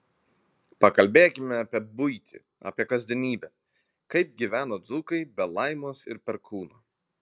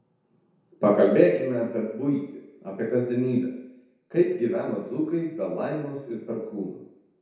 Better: first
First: none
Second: room echo; dies away in 1 s

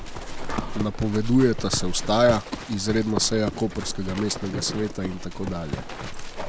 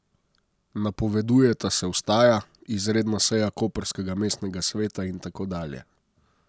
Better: second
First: background sound (Livestock, farm animals, working animals); 5 dB below the speech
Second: none

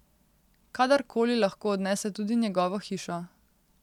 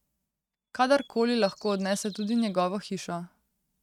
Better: first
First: none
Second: noise reduction (neural mask model RNNoise)

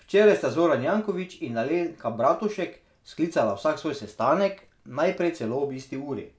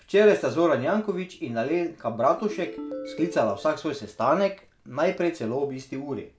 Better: first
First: none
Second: background sound (Ringtone); 13 dB below the speech

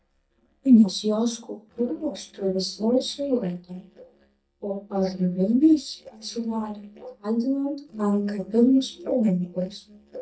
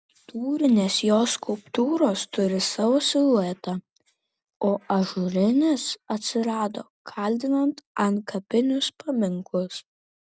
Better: second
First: noise reduction (neural mask model DeepFilterNet 3)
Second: none

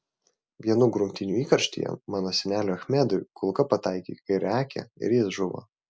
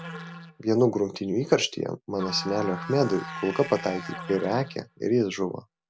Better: first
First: none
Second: background sound (Musical instrument); 13 dB below the speech

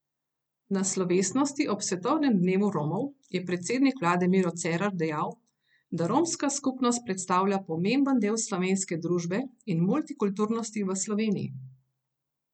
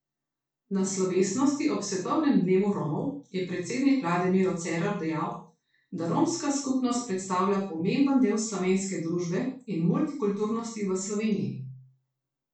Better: first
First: none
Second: room echo; dies away in 0.4 s

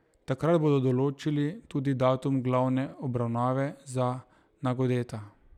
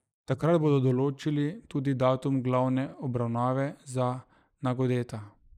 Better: first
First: none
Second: noise reduction (neural mask model Resemble Enhance denoiser)

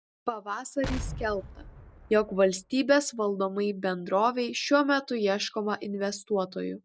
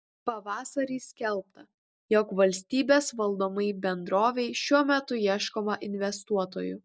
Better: second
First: background sound (Explosion); 11 dB below the speech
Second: none

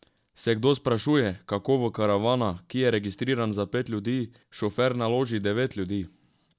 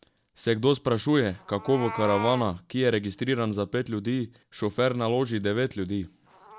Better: first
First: none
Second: background sound (Meow); 15 dB below the speech

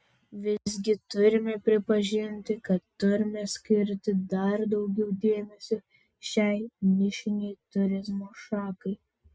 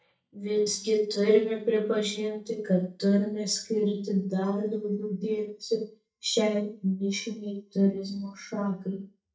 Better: first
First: none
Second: noise reduction (neural mask model DeepFilterNet 3)

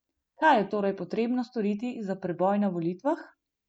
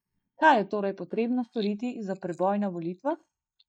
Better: first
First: none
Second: noise reduction (neural mask model DeepFilterNet 3)

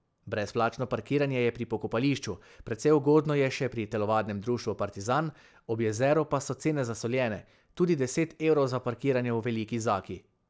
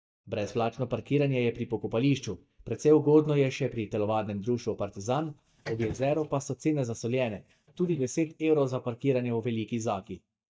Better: first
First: none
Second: noise reduction (neural mask model DeepFilterNet 3)

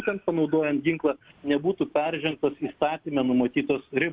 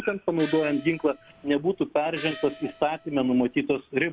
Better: first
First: none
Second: background sound (Gong); 18 dB below the speech

